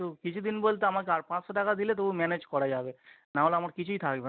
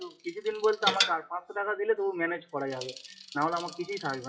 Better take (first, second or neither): first